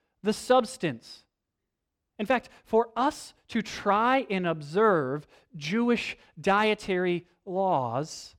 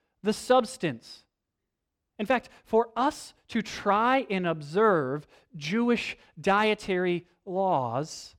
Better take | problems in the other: neither | none

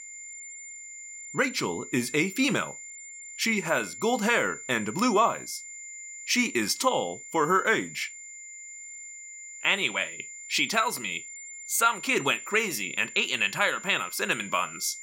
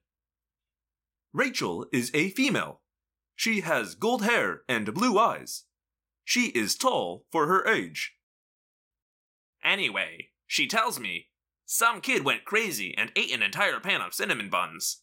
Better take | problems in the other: second | high-pitched whine; noticeable; throughout; 7 kHz, 15 dB below the speech

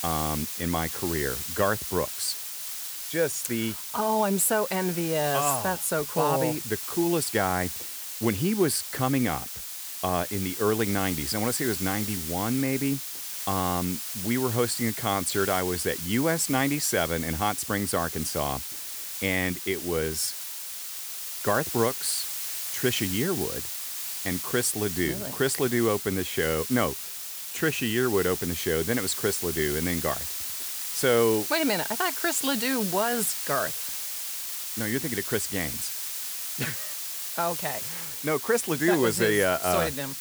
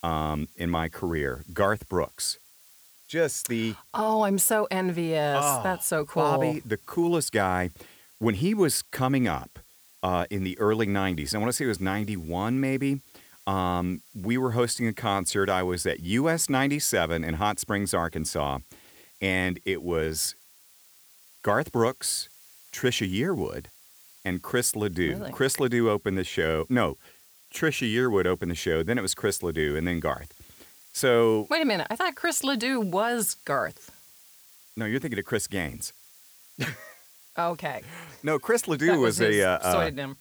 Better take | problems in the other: second | hiss; loud; throughout; 4 dB below the speech; faint in the second

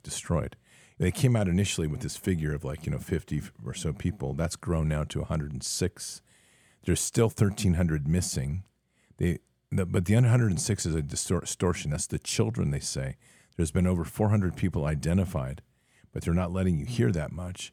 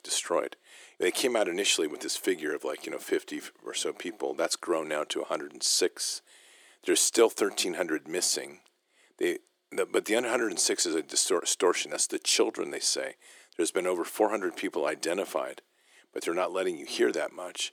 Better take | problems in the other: first | thin; very; fading below 300 Hz

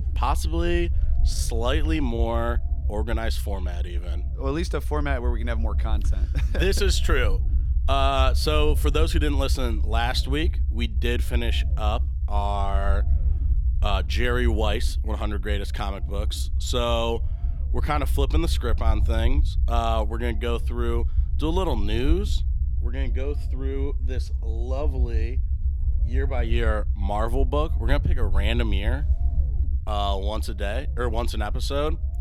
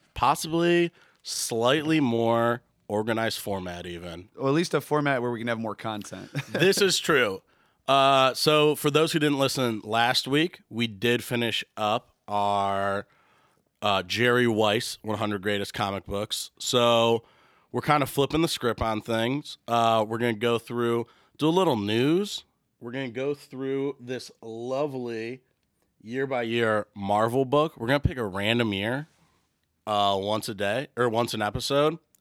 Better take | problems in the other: second | low rumble; noticeable; throughout; 15 dB below the speech

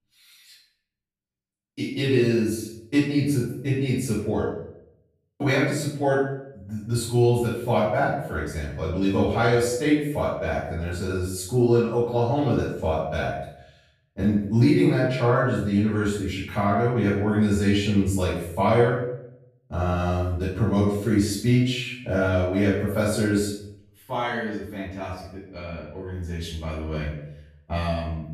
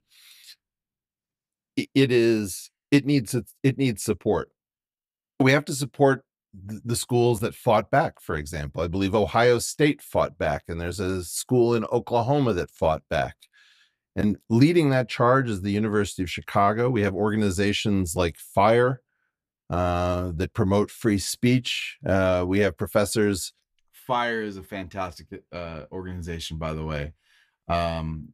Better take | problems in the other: second | off-mic speech; far // room echo; noticeable; dies away in 0.6 s

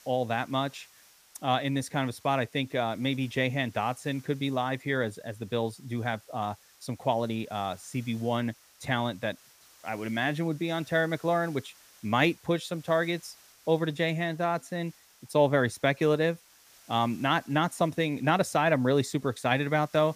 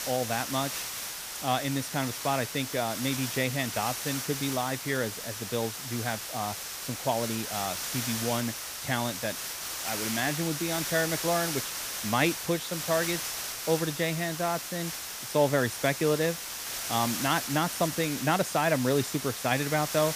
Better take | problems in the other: first | hiss; loud; throughout; 3 dB below the speech; faint in the first

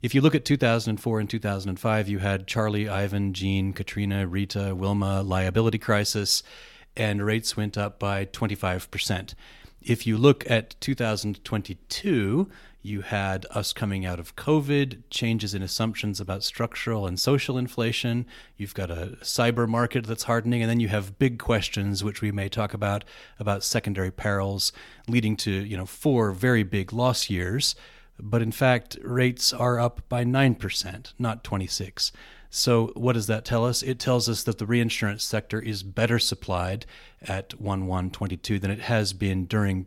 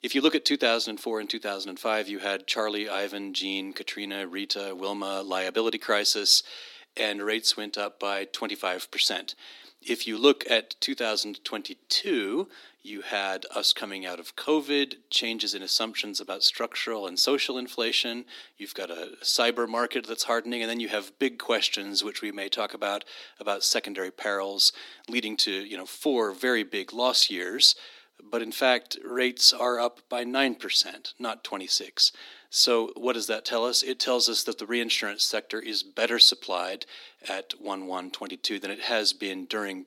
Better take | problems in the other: first | thin; somewhat; fading below 250 Hz

